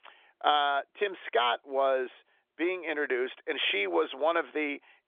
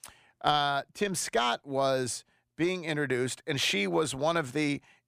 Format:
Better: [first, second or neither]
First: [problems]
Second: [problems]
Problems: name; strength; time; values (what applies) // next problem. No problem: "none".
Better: second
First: phone-call audio; nothing above 3.5 kHz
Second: none